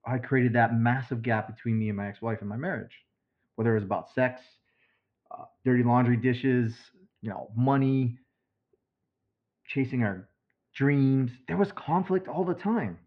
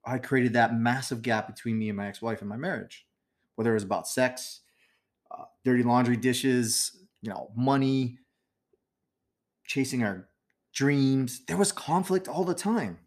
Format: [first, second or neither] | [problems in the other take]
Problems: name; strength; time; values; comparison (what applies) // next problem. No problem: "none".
second | muffled; very; fading above 2.5 kHz